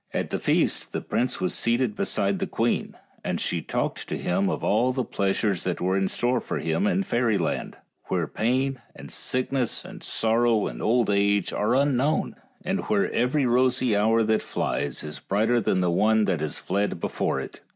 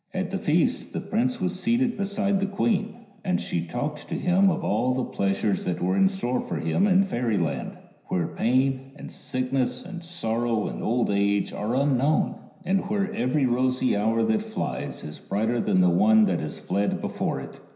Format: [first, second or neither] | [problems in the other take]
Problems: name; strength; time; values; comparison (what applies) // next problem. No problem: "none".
first | room echo; dies away in 0.9 s